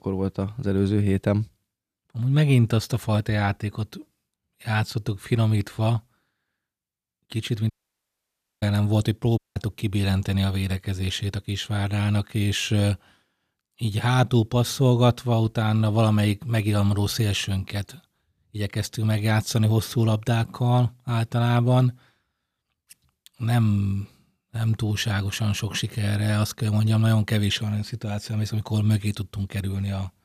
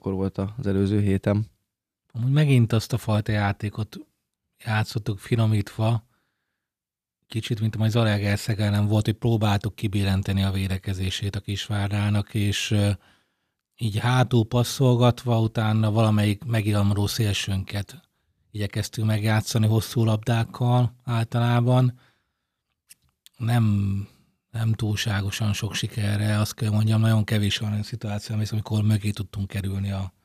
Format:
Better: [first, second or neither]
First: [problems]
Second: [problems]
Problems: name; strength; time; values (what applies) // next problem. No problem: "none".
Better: second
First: audio cutting out; at 7.5 s for 1 s and at 9.5 s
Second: none